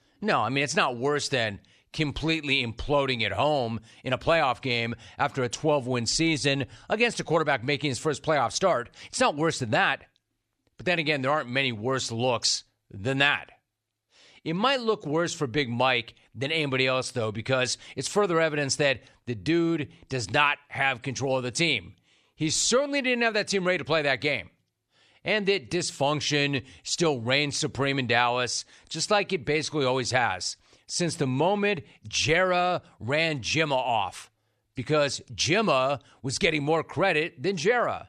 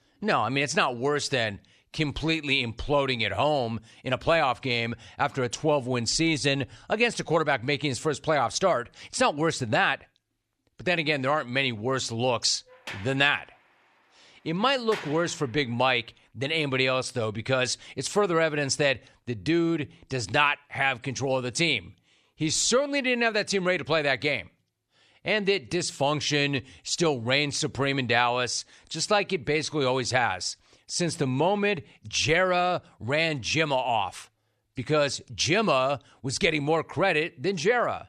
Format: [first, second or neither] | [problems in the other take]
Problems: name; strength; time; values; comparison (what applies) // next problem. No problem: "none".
first | door banging; faint; from 13 to 15 s; peak 10 dB below the speech